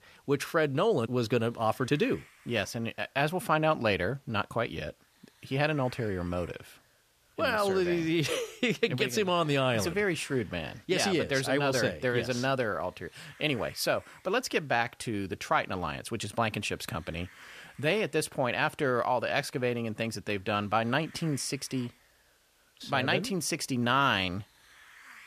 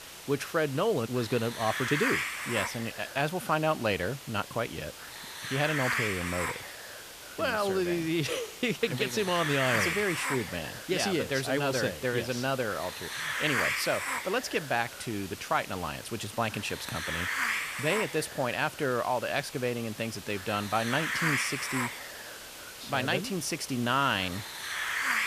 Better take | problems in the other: first | hiss; loud; throughout; 4 dB below the speech; faint in the first

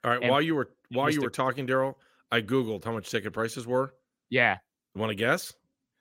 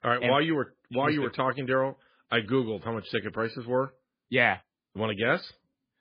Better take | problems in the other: first | garbled, watery; badly; nothing above 4.5 kHz

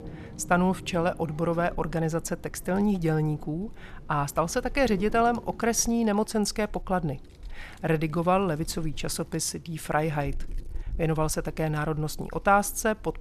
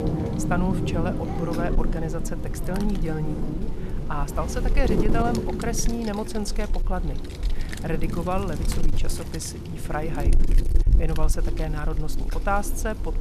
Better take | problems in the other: first | wind noise on the microphone; heavy; 5 dB below the speech; occasional gusts in the first

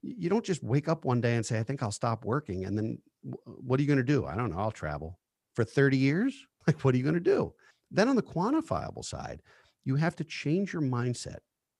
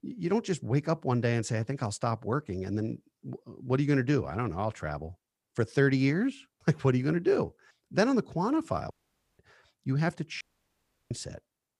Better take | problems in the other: first | audio cutting out; at 9 s and at 10 s for 0.5 s

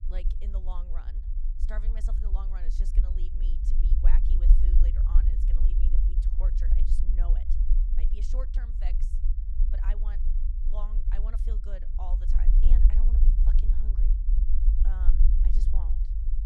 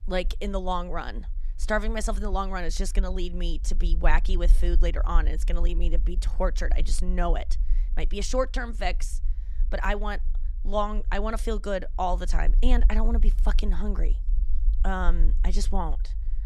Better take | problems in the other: second | low rumble; loud; throughout; 1 dB below the speech; faint in the second

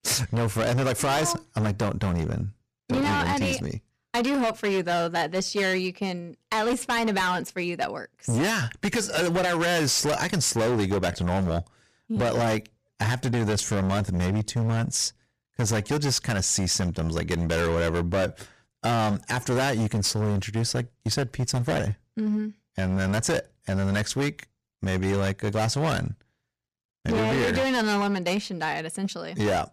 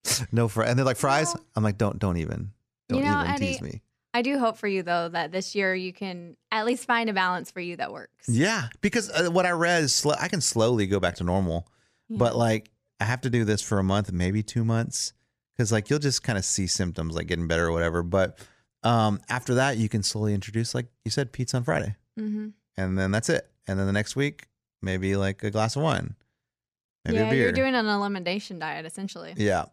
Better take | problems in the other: second | distortion; heavy; 20% of the sound clipped

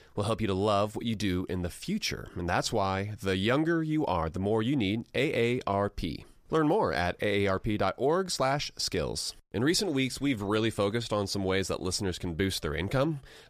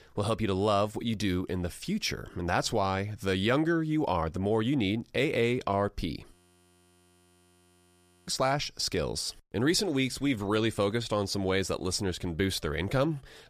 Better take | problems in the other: first | audio freezing; at 6.5 s for 2 s

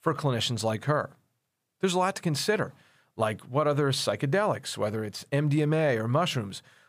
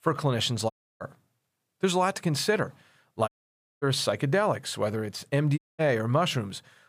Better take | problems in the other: first | audio cutting out; at 0.5 s, at 3.5 s for 0.5 s and at 5.5 s

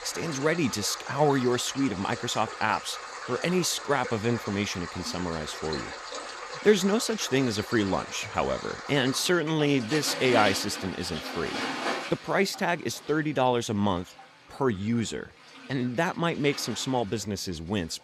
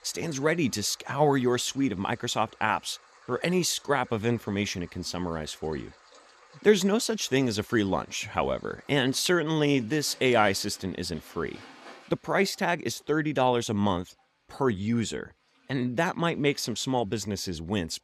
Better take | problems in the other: second | rain or running water; loud; throughout; 9 dB below the speech; faint in the second

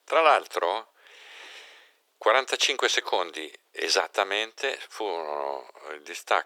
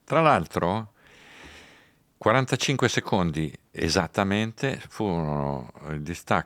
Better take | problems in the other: second | thin; very; fading below 400 Hz

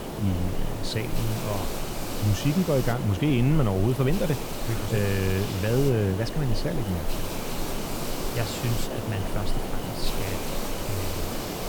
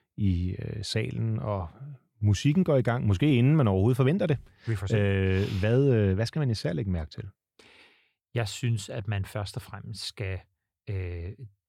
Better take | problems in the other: second | hiss; loud; throughout; 5 dB below the speech

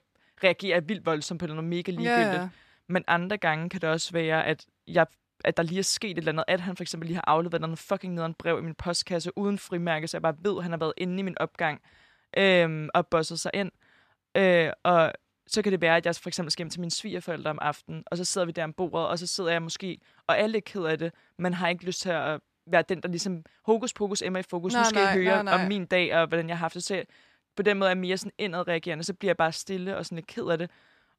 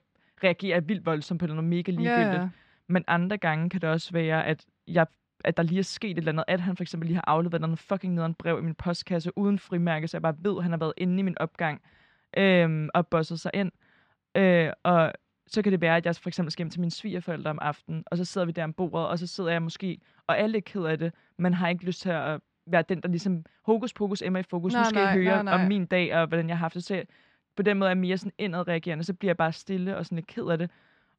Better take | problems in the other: first | muffled; very slightly; fading above 3.5 kHz

